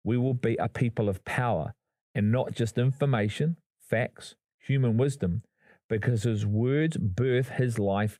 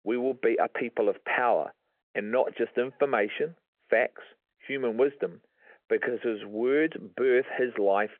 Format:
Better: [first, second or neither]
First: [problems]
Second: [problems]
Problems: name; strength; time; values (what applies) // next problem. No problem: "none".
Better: first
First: none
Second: phone-call audio